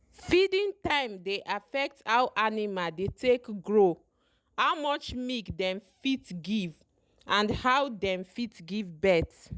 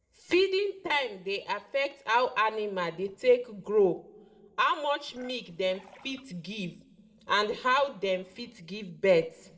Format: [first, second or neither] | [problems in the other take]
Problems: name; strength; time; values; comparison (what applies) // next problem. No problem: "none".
first | noise reduction (neural separator model SepFormer DNS4)